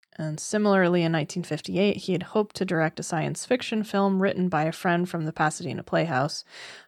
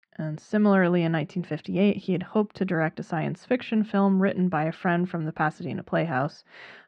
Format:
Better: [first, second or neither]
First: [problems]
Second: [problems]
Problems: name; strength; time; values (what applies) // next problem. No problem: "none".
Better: first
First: none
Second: muffled; slightly; fading above 2.5 kHz